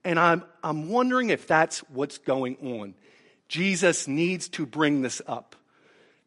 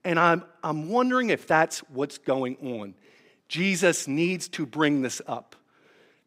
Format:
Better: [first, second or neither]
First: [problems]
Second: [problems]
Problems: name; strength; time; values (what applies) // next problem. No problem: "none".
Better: second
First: garbled, watery; slightly; nothing above 10.5 kHz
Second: none